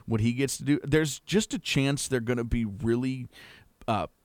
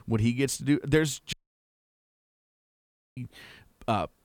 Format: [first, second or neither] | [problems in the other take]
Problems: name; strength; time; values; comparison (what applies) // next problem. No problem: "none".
first | audio cutting out; at 1.5 s for 2 s